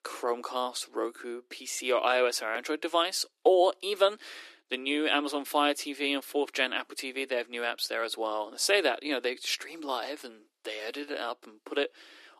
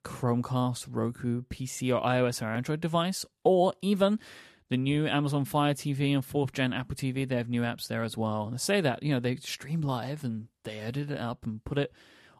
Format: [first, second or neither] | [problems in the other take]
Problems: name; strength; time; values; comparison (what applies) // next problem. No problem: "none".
second | thin; somewhat; fading below 300 Hz